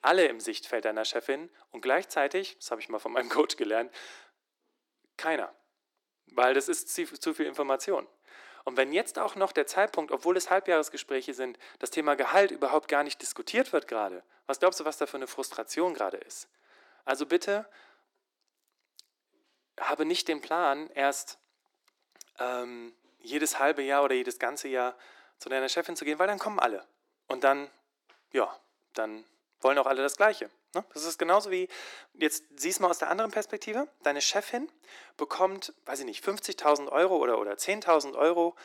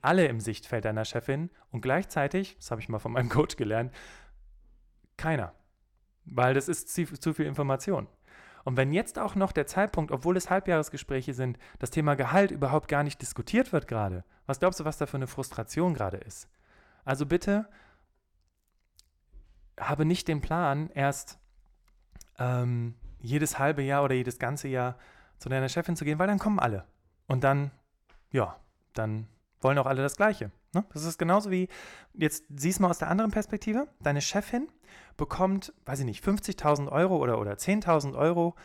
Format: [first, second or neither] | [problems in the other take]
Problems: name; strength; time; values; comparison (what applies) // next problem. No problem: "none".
second | thin; very; fading below 300 Hz